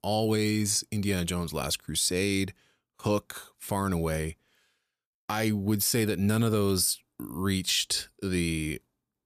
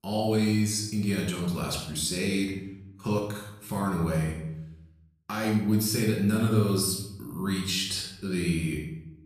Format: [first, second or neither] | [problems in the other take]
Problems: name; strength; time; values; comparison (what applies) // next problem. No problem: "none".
first | off-mic speech; far // room echo; noticeable; dies away in 0.7 s